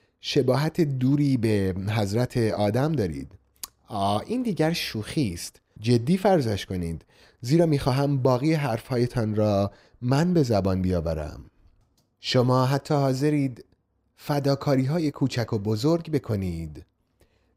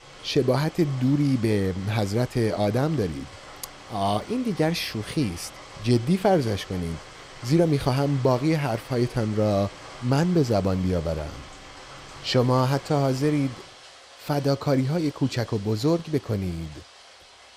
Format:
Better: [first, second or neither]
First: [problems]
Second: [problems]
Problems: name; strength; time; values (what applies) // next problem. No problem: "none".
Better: first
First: none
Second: rain or running water; noticeable; throughout; 20 dB below the speech